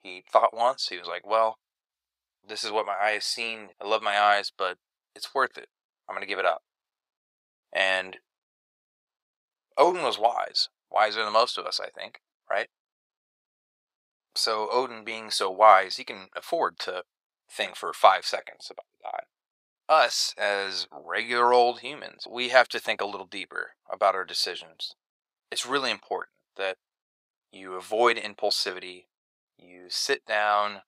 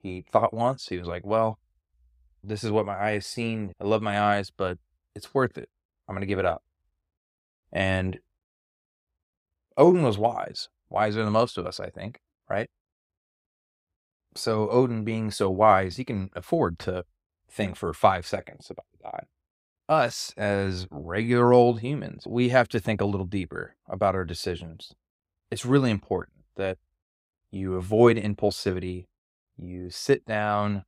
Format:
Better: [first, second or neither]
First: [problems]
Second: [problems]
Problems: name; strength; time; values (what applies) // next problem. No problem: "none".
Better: second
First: thin; very; fading below 800 Hz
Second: none